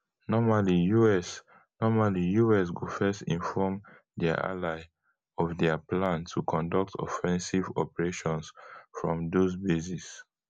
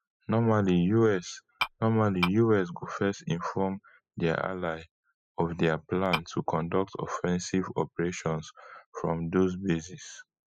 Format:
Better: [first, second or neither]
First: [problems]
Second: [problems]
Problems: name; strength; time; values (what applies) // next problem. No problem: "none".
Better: first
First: none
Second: noise reduction (classical method spectral subtraction)